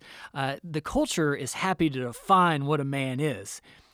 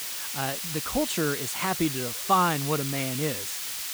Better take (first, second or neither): first